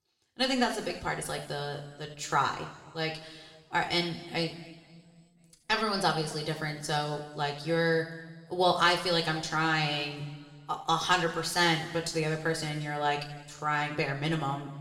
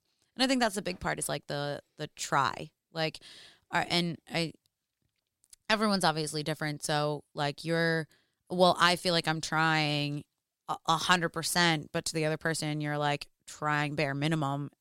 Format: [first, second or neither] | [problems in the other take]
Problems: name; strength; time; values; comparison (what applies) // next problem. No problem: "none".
second | room echo; slight; dies away in 1.8 s